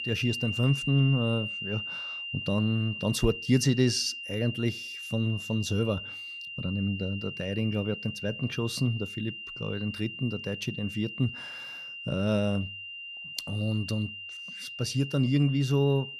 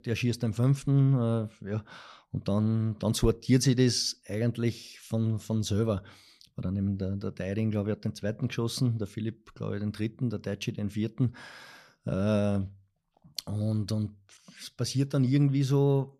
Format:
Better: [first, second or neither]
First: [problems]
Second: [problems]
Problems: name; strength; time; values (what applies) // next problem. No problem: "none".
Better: second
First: high-pitched whine; loud; throughout; 3 kHz, 7 dB below the speech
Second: none